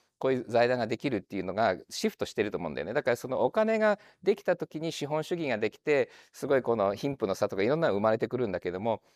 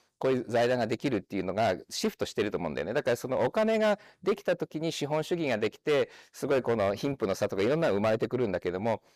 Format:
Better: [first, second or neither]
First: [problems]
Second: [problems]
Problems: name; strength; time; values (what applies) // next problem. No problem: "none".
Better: first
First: none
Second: distortion; slight; 8% of the sound clipped